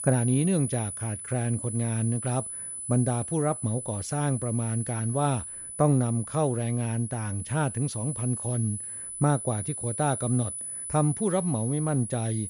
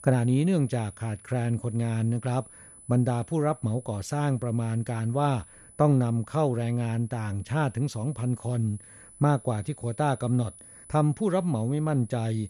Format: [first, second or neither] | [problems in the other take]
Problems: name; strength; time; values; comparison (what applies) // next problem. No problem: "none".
second | high-pitched whine; loud; throughout; 10 kHz, 6 dB below the speech; faint in the second